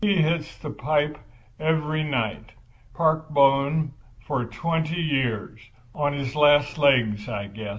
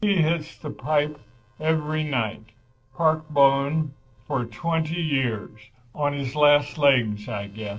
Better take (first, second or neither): first